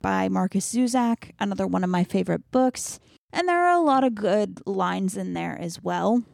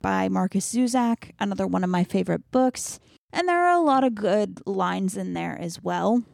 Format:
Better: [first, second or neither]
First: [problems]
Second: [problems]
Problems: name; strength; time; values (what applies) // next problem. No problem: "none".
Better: neither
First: none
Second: none